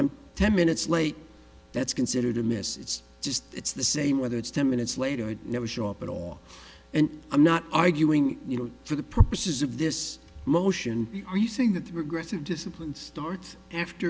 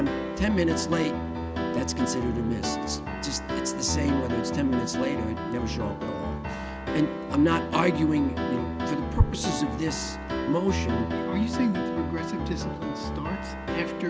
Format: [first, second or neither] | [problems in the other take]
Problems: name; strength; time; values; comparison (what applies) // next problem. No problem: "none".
first | background sound (Piano); 1 dB below the speech